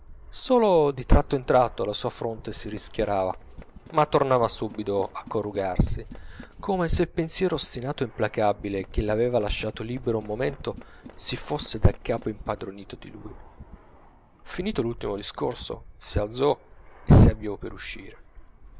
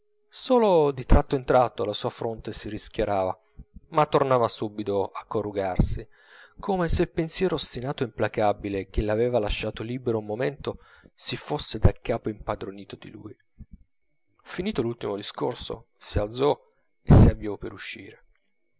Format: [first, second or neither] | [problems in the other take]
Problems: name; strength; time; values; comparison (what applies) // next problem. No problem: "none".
second | background sound (Tools + Fixed-wing aircraft, airplane); 19 dB below the speech